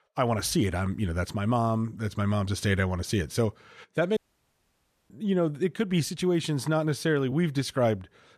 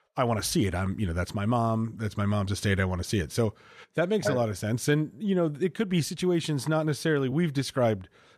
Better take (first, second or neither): second